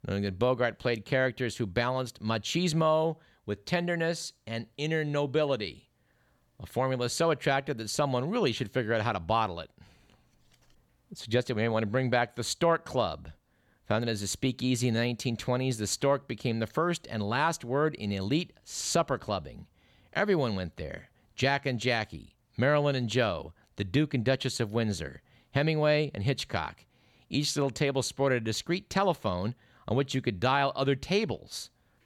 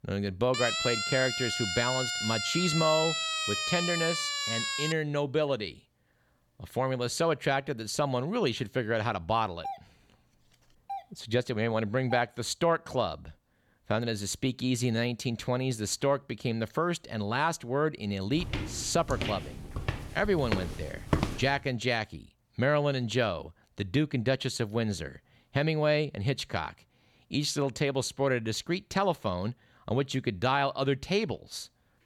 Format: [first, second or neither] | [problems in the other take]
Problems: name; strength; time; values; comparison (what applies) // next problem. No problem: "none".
first | siren; loud; from 0.5 to 5 s; peak 1 dB above the speech // doorbell; faint; from 9.5 to 12 s; peak 10 dB below the speech // footsteps; noticeable; from 18 to 21 s; peak level with the speech